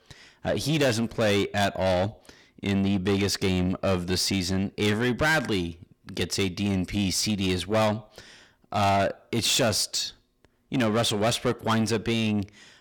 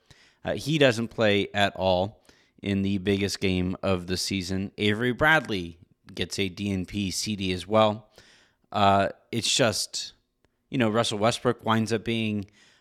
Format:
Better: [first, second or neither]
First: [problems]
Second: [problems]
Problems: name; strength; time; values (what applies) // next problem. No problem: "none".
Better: second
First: distortion; heavy; 7 dB below the speech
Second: none